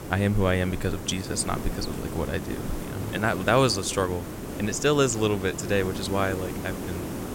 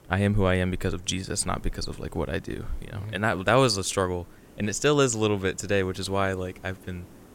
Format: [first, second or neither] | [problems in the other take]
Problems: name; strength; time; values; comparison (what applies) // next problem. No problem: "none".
second | hiss; loud; throughout; 8 dB below the speech; faint in the second